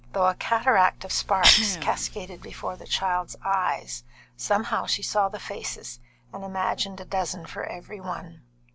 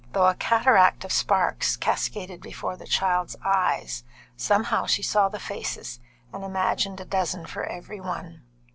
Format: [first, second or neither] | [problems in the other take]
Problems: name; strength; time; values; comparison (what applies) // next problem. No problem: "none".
second | background sound (Cough); 1 dB below the speech